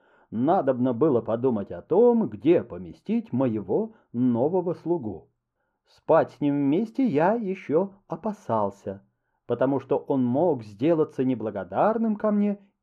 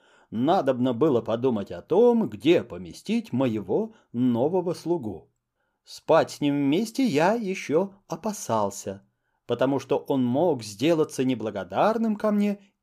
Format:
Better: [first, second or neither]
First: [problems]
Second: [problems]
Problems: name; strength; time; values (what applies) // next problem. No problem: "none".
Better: second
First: muffled; very; fading above 3 kHz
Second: none